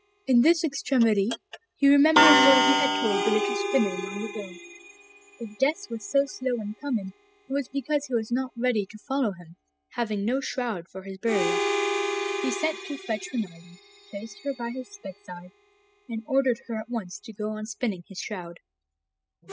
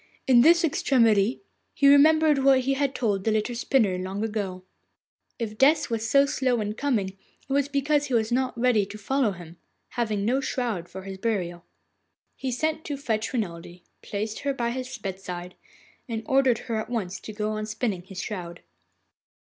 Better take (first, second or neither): second